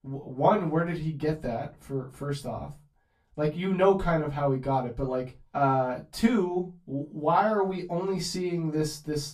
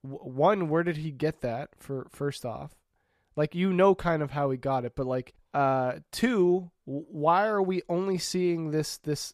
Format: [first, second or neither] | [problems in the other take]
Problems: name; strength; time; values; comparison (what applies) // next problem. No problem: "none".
second | off-mic speech; far // room echo; very slight; dies away in 0.2 s